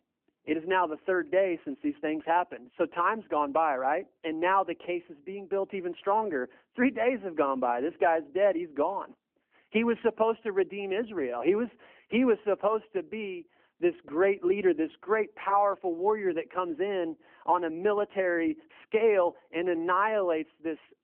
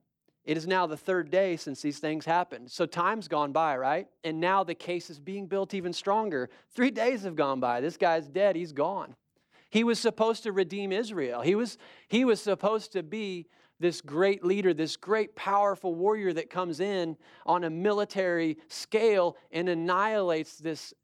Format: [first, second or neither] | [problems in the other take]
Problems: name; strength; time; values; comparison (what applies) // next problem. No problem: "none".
second | phone-call audio; nothing above 3 kHz